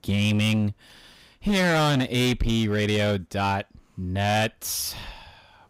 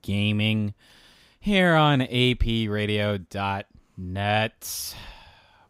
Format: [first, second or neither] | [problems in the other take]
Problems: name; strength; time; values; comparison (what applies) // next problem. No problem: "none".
second | distortion; heavy; 14% of the sound clipped